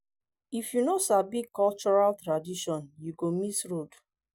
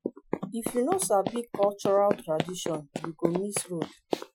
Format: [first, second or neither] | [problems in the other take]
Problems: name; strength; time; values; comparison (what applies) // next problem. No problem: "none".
first | noise reduction (classical method Wiener filter)